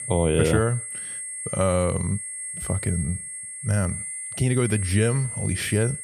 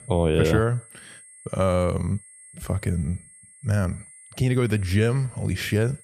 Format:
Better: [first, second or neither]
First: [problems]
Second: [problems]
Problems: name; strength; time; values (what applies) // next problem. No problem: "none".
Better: second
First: high-pitched whine; loud; throughout; 8.5 kHz, 6 dB below the speech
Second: high-pitched whine; faint; throughout; 8.5 kHz, 20 dB below the speech